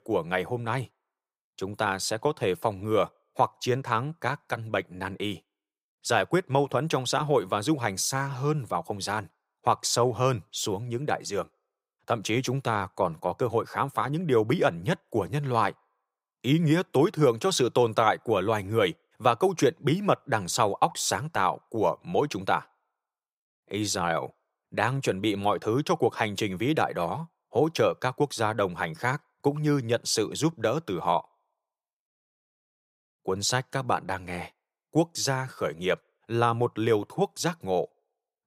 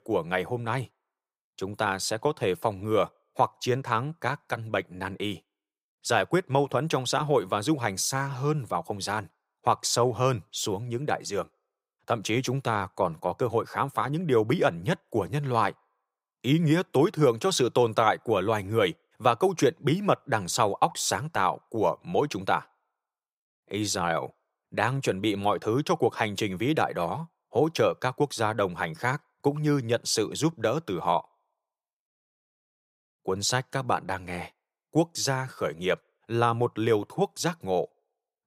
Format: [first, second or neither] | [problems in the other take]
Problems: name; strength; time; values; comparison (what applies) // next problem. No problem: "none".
neither | none